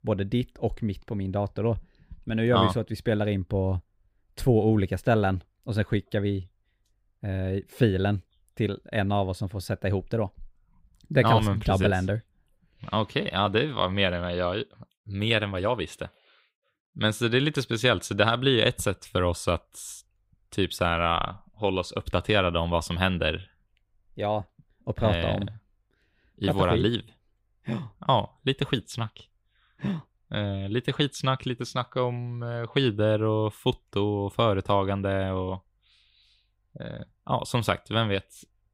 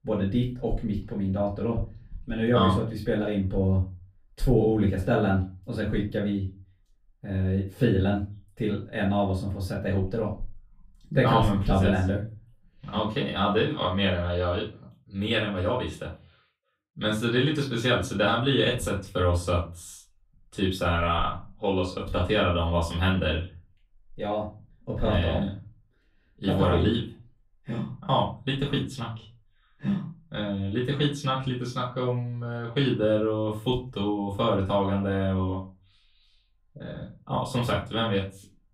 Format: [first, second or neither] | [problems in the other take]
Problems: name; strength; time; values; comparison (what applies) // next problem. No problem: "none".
first | off-mic speech; far // room echo; slight; dies away in 0.3 s